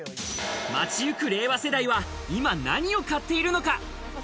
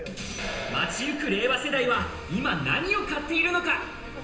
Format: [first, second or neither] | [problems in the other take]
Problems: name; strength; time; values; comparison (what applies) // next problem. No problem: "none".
first | background sound (Keys jangling); 18 dB below the speech // room echo; dies away in 0.9 s